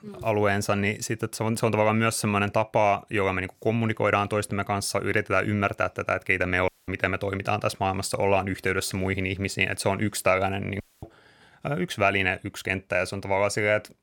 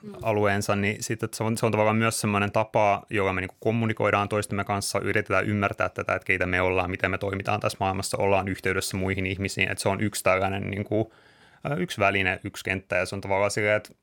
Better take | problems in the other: second | audio cutting out; at 6.5 s and at 11 s

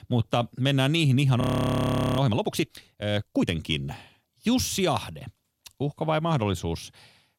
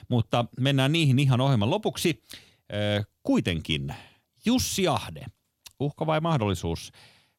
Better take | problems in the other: second | audio freezing; at 1.5 s for 1 s

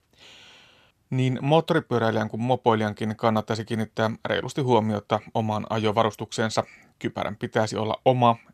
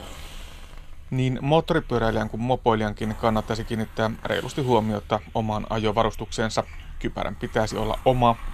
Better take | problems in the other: first | hiss; noticeable; throughout; 20 dB below the speech

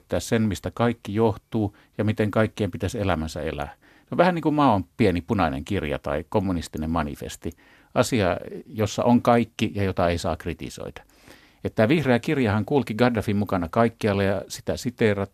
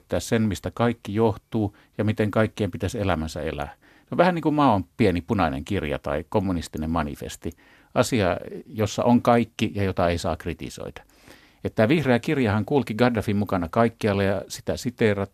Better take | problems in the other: neither | none

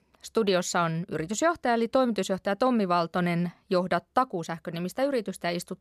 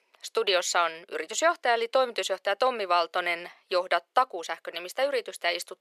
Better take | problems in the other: first | thin; very; fading below 450 Hz

